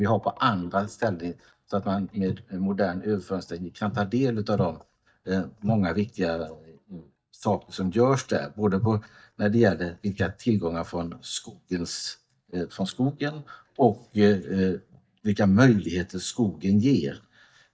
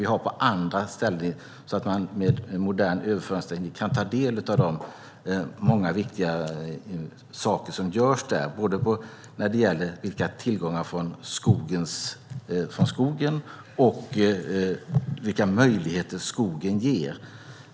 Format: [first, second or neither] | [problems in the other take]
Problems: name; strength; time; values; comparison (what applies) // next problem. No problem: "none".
second | noise reduction (neural mask model DeepFilterNet 3)